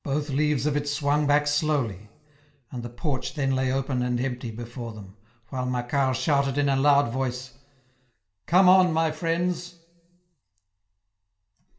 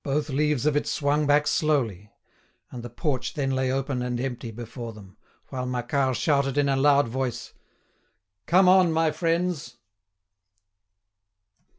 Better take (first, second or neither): second